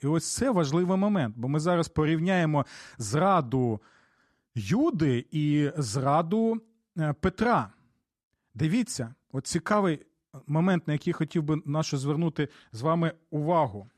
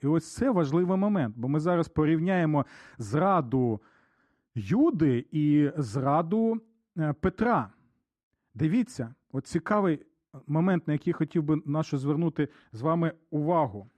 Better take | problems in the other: first | muffled; slightly; fading above 3 kHz

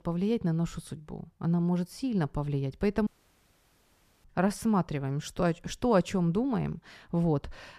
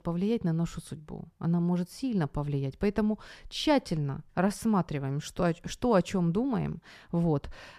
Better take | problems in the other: second | audio cutting out; at 3 s for 1 s

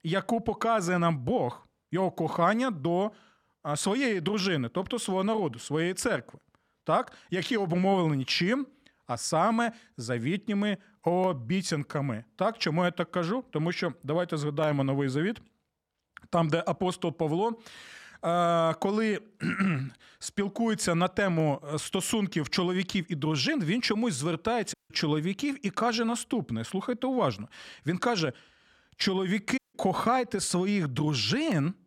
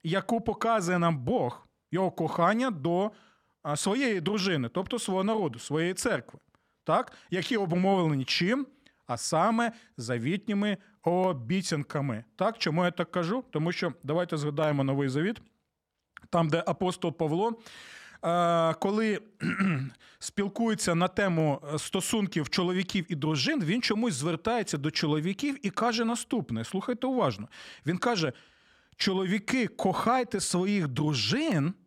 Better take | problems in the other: second | audio cutting out; at 25 s and at 30 s

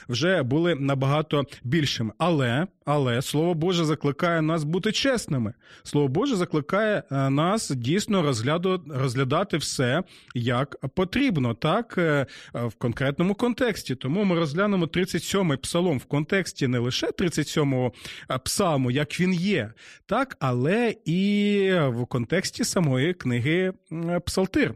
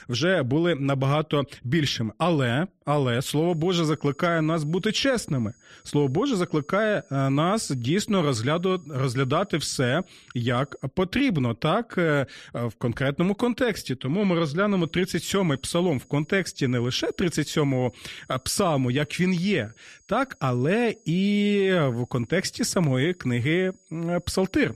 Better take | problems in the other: first | high-pitched whine; faint; from 3.5 to 11 s and from 15 s on; 6.5 kHz, 35 dB below the speech

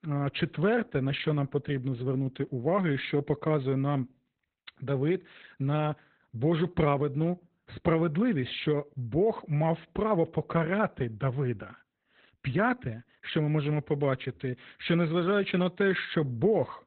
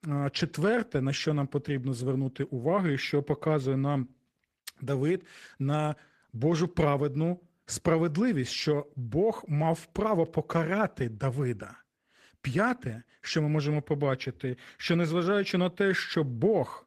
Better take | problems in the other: second | garbled, watery; badly; nothing above 4 kHz; slightly in the second

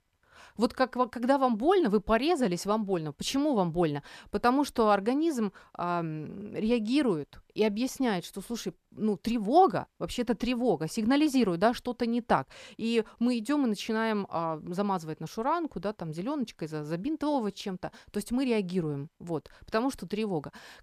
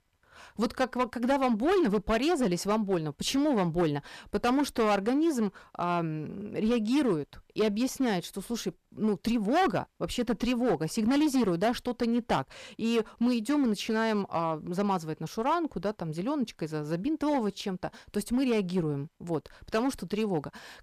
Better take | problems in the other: first | distortion; slight; 7% of the sound clipped

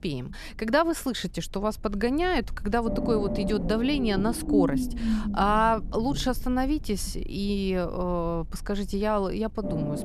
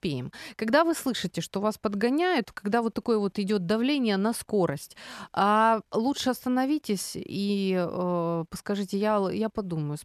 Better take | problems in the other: second | low rumble; loud; throughout; 7 dB below the speech

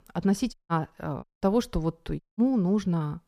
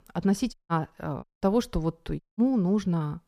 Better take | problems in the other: neither | audio cutting out; at 0.5 s, at 1 s and at 2 s; the same in both

